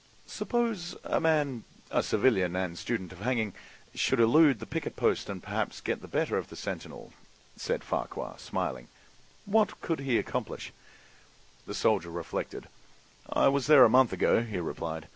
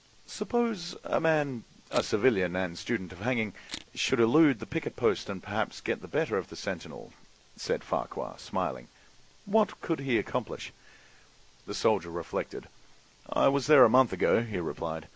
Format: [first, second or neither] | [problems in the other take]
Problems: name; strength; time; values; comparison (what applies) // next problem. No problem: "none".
first | background sound (Camera); 16 dB below the speech